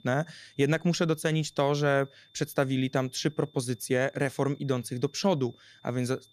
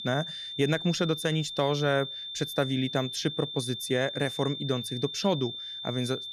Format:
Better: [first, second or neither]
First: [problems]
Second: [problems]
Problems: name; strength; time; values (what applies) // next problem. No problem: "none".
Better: first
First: high-pitched whine; faint; throughout; 3.5 kHz, 30 dB below the speech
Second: high-pitched whine; loud; throughout; 3.5 kHz, 6 dB below the speech